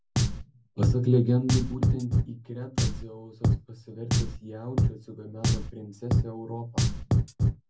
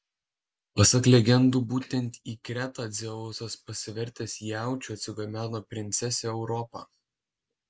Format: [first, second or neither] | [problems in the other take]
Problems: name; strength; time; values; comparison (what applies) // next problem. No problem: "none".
second | background sound (Drum); 4 dB above the speech // room echo; dies away in 0.4 s